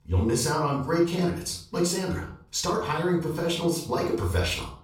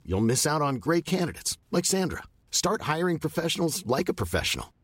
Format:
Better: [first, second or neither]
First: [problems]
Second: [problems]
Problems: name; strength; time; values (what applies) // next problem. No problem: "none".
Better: second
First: room echo; slight; dies away in 0.4 s // off-mic speech; somewhat distant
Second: none